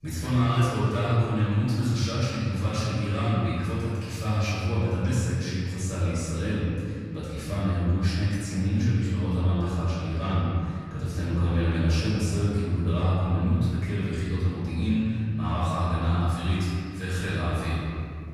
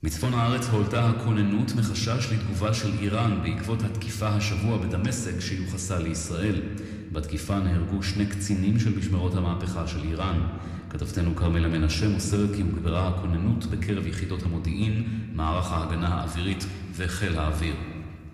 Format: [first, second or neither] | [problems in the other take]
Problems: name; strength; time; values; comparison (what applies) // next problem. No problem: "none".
second | room echo; strong; dies away in 2 s; slight in the second // off-mic speech; far